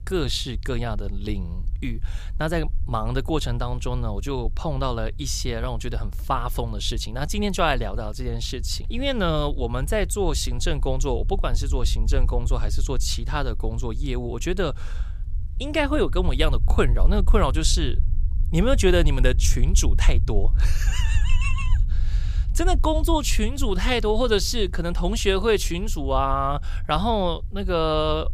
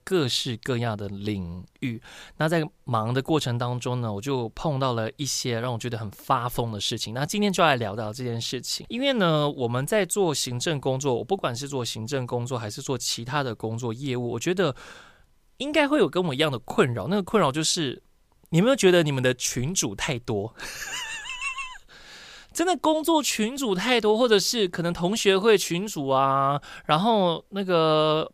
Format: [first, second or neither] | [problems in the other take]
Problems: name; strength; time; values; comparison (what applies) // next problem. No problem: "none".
second | low rumble; faint; throughout; 20 dB below the speech